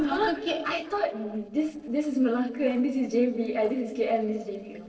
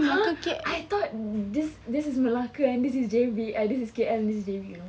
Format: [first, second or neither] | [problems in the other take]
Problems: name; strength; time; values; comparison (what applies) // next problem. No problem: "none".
second | noise reduction (neural separator model SepFormer DNS4)